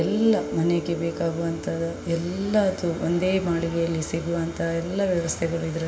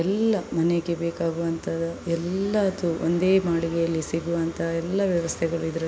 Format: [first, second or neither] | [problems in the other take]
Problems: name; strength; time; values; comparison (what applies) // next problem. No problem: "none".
second | background sound (Mallet percussion); 14 dB below the speech // room echo; dies away in 3 s